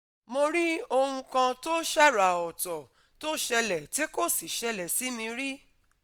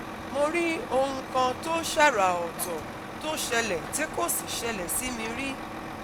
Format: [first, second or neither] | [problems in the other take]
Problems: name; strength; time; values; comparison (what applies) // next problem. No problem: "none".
first | background sound (Truck); 8 dB below the speech